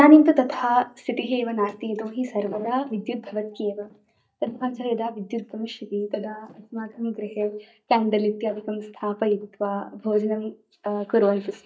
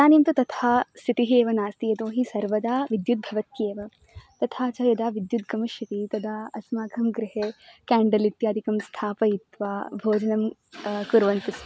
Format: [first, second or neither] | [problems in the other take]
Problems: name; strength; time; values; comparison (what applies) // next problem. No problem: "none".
second | noise reduction (neural mask model DeepFilterNet 3)